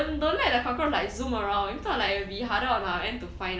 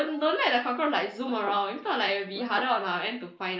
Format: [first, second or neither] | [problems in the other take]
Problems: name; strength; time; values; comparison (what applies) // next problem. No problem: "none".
first | noise reduction (neural mask model Resemble Enhance denoiser)